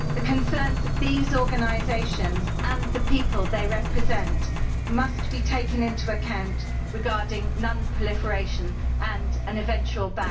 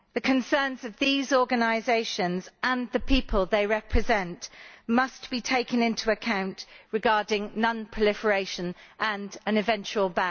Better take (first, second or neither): second